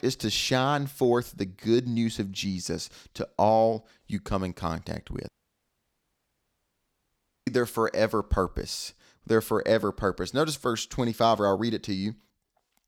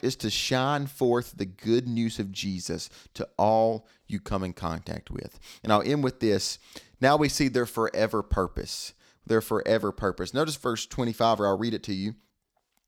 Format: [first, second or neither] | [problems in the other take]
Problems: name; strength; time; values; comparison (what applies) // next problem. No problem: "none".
second | audio cutting out; at 5.5 s for 2 s